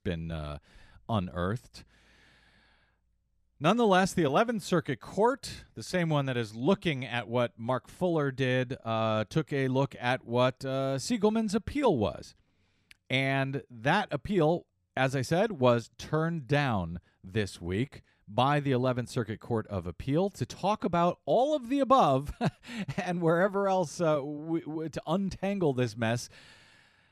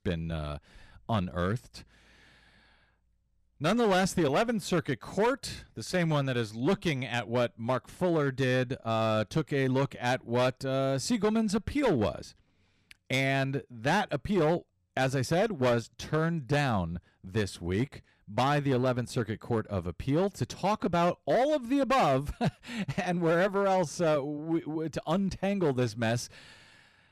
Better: first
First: none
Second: distortion; slight; 7% of the sound clipped

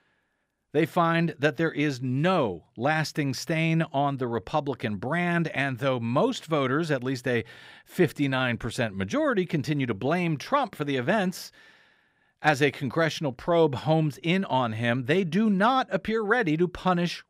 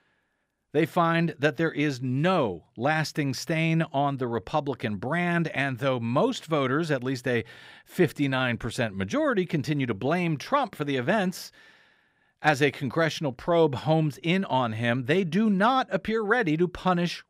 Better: neither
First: none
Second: none

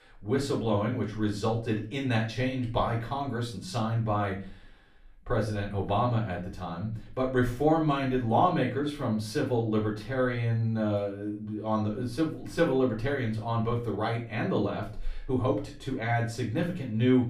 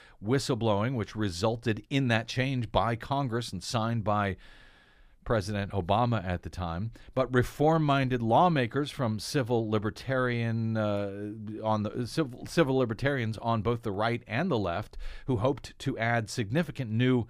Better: second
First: off-mic speech; far // room echo; slight; dies away in 0.3 s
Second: none

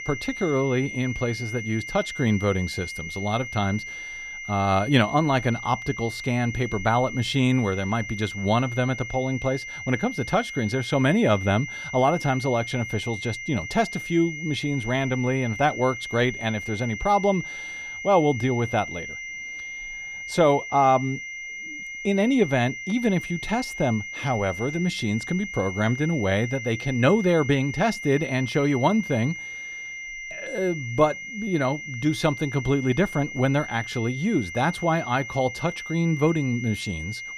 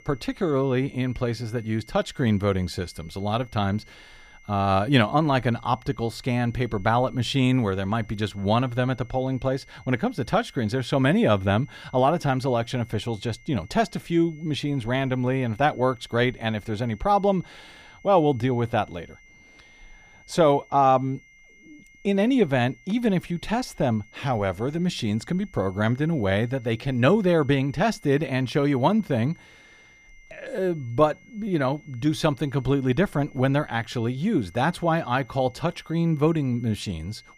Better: second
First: high-pitched whine; loud; throughout; 2 kHz, 9 dB below the speech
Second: high-pitched whine; faint; throughout; 2 kHz, 25 dB below the speech

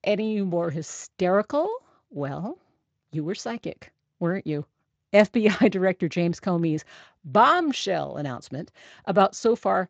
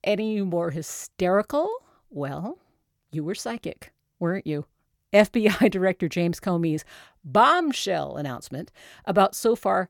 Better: second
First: garbled, watery; slightly; nothing above 7.5 kHz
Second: none

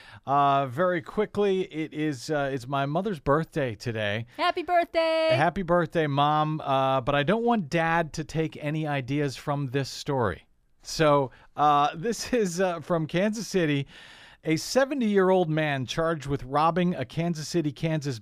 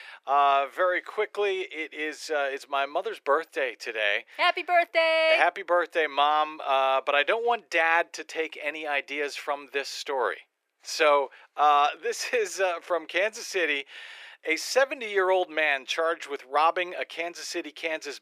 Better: first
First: none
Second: thin; very; fading below 400 Hz

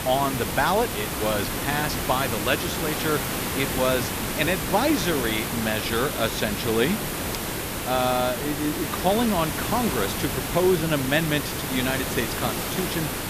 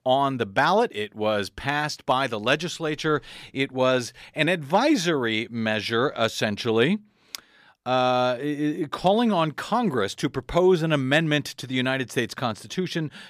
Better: second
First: hiss; loud; throughout; 2 dB below the speech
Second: none

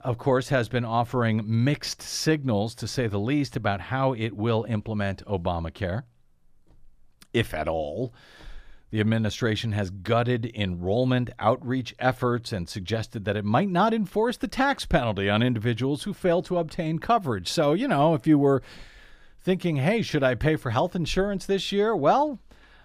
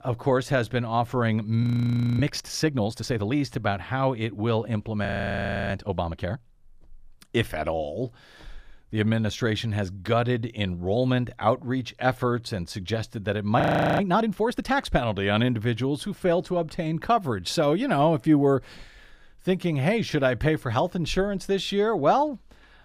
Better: first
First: none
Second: audio freezing; at 1.5 s for 0.5 s, at 5 s for 0.5 s and at 14 s

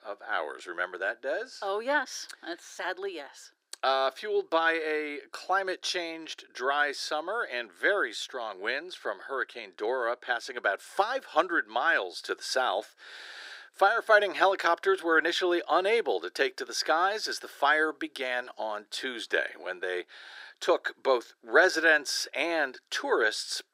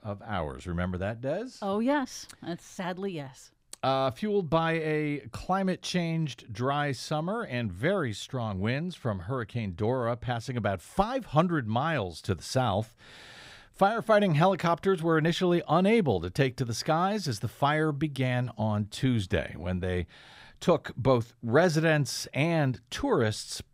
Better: second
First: thin; very; fading below 350 Hz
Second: none

